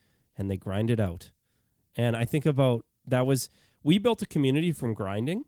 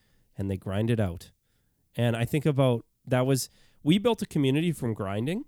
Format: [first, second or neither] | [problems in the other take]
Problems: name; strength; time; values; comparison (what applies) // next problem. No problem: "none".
second | garbled, watery; slightly